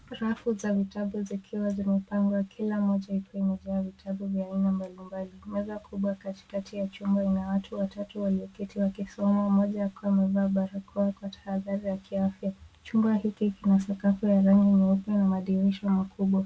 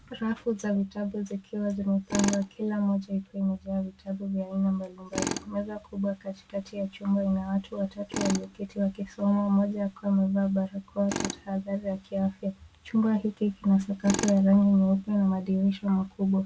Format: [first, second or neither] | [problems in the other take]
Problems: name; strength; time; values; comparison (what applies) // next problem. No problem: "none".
first | background sound (Tools); 13 dB below the speech